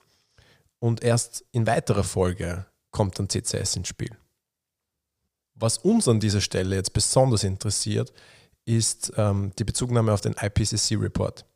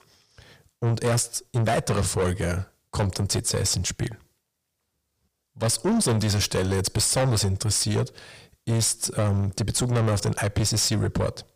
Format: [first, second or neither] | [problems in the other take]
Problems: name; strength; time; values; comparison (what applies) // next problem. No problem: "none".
first | distortion; heavy; 7 dB below the speech